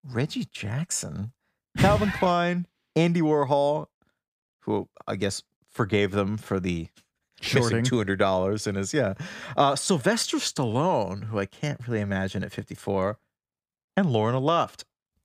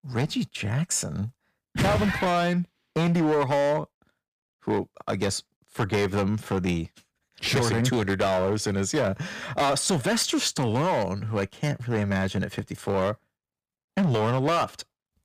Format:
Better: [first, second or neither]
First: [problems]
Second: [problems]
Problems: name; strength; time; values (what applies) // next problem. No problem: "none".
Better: first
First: none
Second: distortion; heavy; 10% of the sound clipped